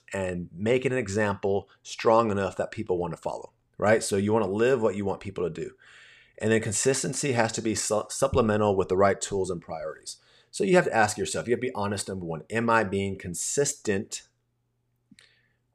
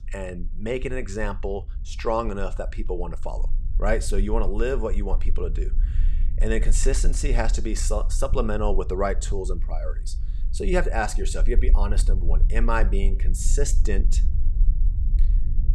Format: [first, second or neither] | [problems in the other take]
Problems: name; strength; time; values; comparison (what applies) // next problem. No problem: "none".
first | low rumble; faint; throughout; 20 dB below the speech